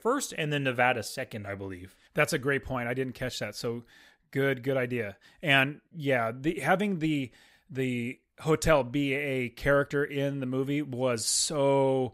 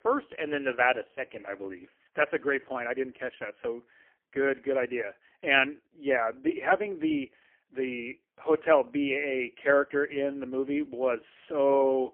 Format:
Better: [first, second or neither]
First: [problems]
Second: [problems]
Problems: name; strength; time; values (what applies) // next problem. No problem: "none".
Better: first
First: none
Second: phone-call audio; poor line; nothing above 3 kHz